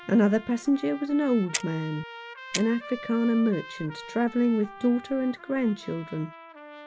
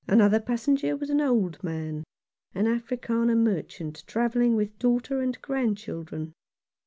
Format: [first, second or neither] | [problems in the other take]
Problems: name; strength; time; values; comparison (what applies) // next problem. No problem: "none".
second | background sound (Clock + Trumpet); 14 dB below the speech